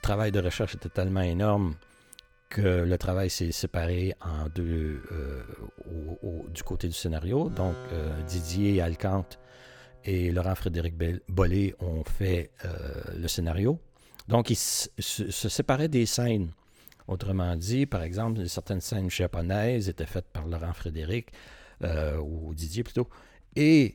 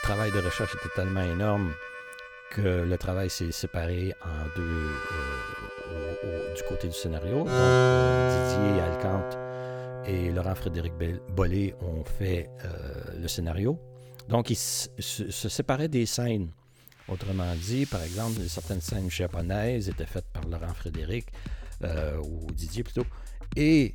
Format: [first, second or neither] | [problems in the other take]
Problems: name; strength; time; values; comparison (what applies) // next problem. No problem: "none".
first | background music; loud; throughout; 1 dB below the speech; faint in the first